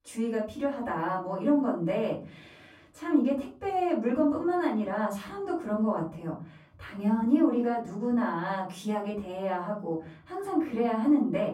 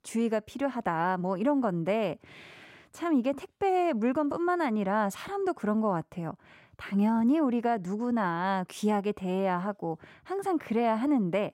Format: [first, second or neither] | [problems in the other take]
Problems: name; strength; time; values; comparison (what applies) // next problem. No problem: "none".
second | off-mic speech; far // room echo; slight; dies away in 0.4 s